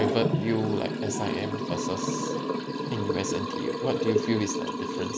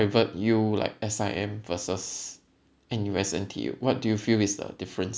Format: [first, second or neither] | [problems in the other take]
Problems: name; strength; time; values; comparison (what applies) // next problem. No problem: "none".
second | background sound (Liquid); 2 dB above the speech